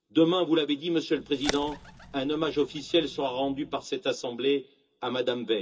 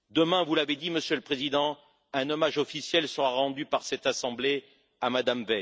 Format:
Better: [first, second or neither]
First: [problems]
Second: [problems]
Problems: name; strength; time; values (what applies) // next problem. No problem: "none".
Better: second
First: background sound (Bird); 14 dB below the speech // room echo; dies away in 0.2 s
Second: none